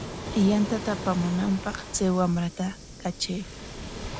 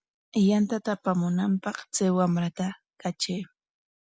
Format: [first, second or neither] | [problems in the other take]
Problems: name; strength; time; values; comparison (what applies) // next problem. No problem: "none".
second | background sound (Waves, surf); 9 dB below the speech